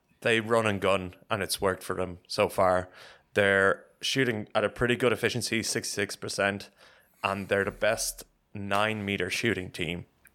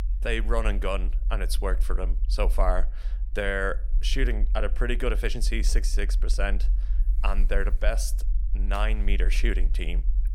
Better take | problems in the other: first | low rumble; faint; throughout; 20 dB below the speech

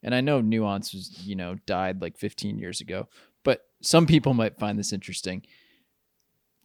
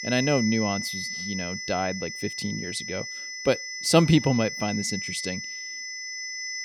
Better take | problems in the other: first | high-pitched whine; loud; throughout; 2 kHz, 6 dB below the speech

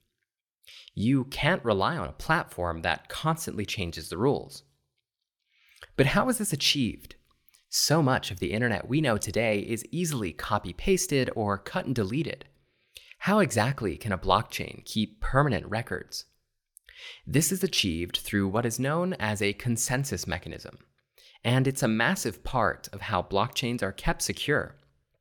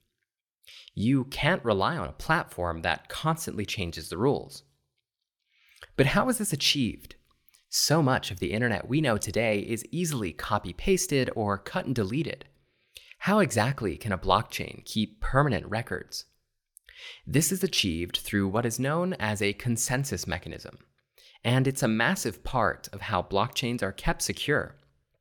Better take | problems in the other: neither | none

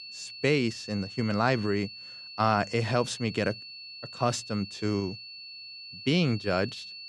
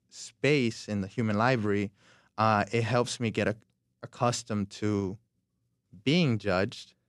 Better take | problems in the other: second | high-pitched whine; noticeable; throughout; 4.5 kHz, 10 dB below the speech

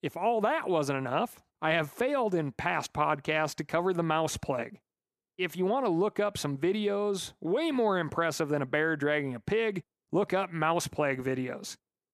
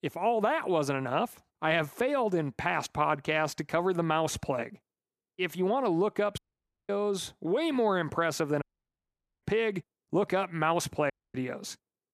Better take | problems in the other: first | audio cutting out; at 6.5 s for 0.5 s, at 8.5 s for 1 s and at 11 s

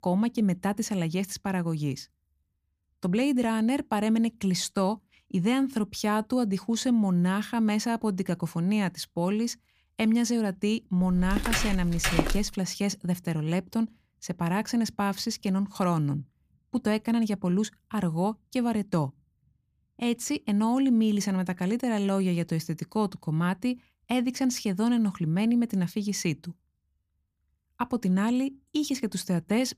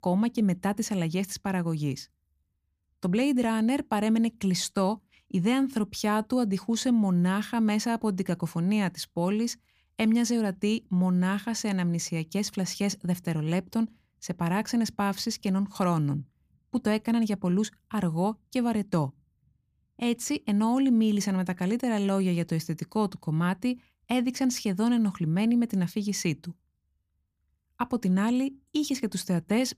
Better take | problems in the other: second | footsteps; loud; from 11 to 12 s; peak 1 dB above the speech

